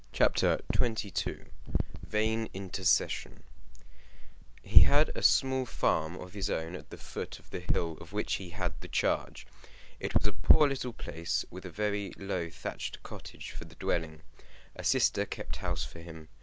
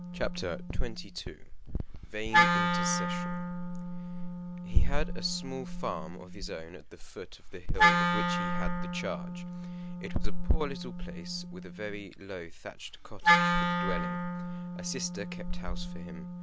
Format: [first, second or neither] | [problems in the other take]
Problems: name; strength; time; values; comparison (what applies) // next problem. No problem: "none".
first | background sound (Wind instrument, woodwind instrument); 1 dB below the speech